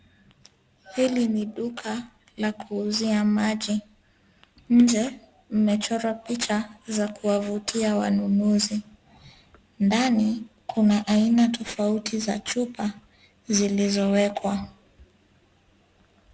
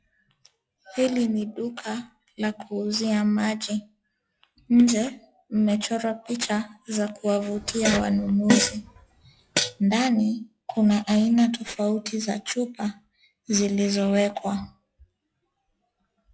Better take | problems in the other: first | noise reduction (classical method log-MMSE)

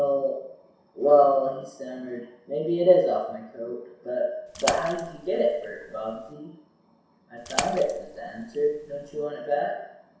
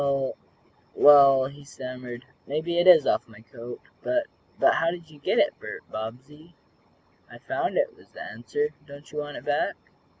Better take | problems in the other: second | background sound (Splash, splatter); 11 dB below the speech // room echo; dies away in 0.7 s

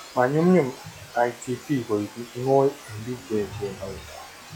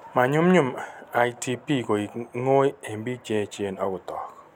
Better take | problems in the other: second | noise reduction (classical method log-MMSE)

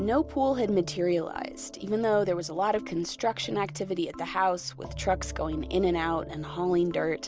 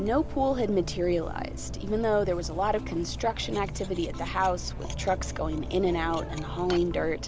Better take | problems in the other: first | background sound (Cutlery, silverware); 8 dB below the speech

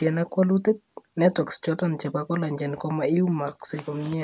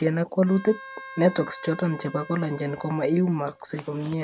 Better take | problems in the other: first | background sound (Wind instrument, woodwind instrument); 19 dB below the speech

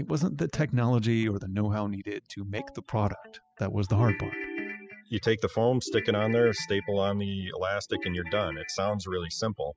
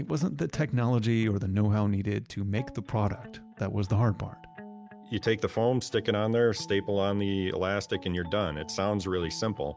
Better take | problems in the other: second | noise reduction (classical method spectral subtraction)

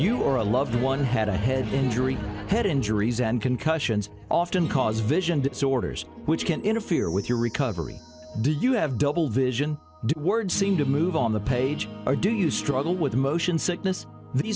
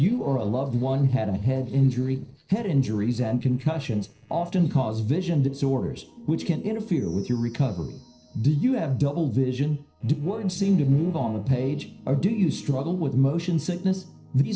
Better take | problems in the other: first | noise reduction (neural separator model SepFormer DNS4)

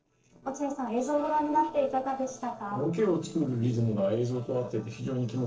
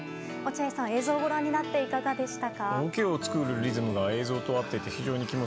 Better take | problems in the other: second | noise reduction (neural separator model SepFormer DNS4)

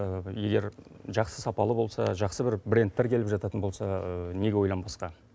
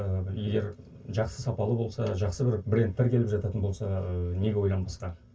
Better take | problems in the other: first | room echo; dies away in 0.1 s

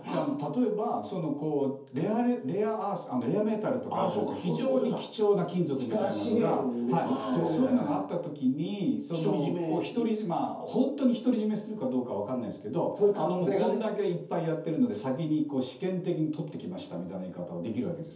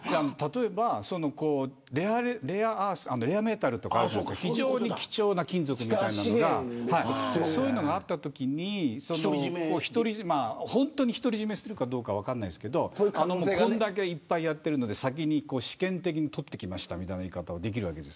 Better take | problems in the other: second | room echo; dies away in 0.5 s

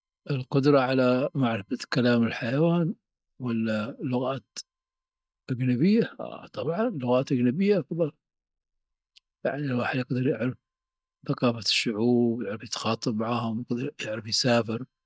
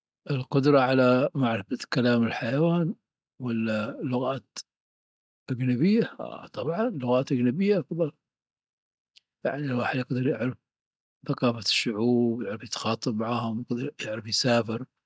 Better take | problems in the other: second | noise reduction (neural mask model DeepFilterNet 3)

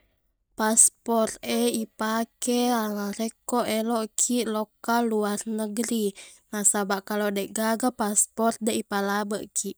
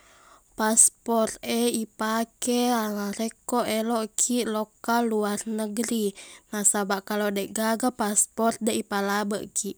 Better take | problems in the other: second | noise reduction (neural mask model DeepFilterNet 3)

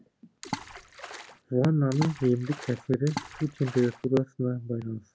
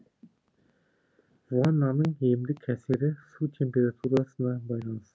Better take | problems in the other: second | background sound (Water / Splash, splatter); 12 dB below the speech

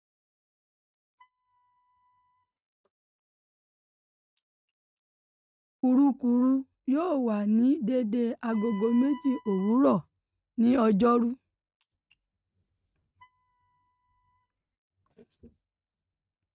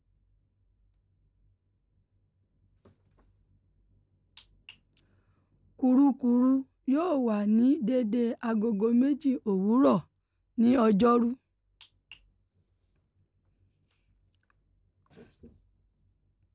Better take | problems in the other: second | noise reduction (neural mask model RNNoise)

